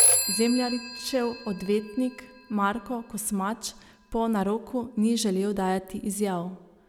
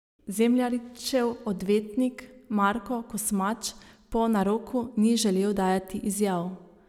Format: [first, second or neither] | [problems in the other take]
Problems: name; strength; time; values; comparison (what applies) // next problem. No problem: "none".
second | background sound (Telephone); 4 dB below the speech